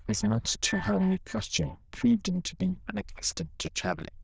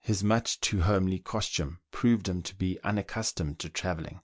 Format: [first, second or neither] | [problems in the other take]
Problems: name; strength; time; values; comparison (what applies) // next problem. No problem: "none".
second | noise reduction (neural diffusion model UNIVERSE++)